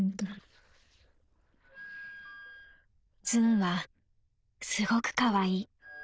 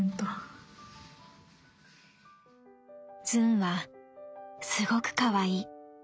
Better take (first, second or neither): second